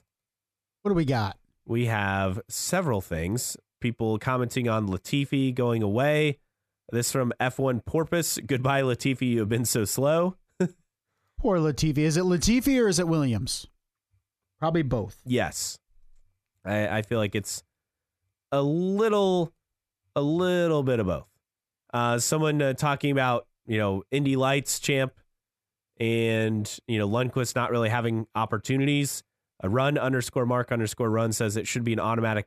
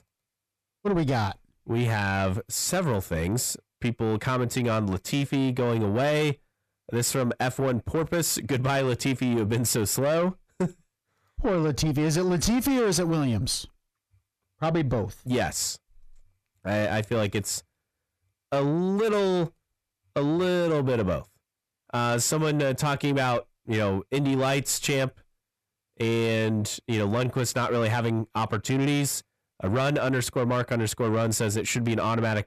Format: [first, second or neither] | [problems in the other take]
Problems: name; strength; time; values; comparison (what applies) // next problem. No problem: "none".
first | distortion; slight; 10 dB below the speech